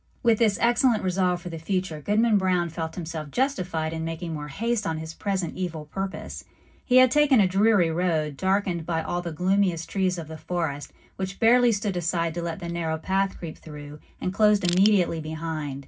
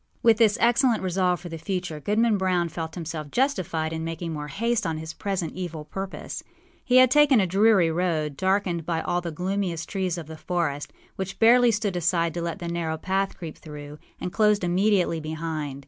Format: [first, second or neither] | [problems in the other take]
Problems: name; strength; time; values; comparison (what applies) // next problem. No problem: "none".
second | background sound (Crushing); 9 dB below the speech // room echo; dies away in 0.4 s